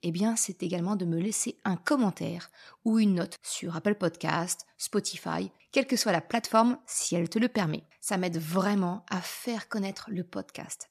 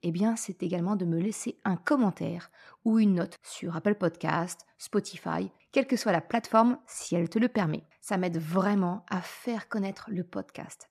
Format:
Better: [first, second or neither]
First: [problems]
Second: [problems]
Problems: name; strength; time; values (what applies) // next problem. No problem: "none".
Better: first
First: none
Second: muffled; slightly; fading above 3 kHz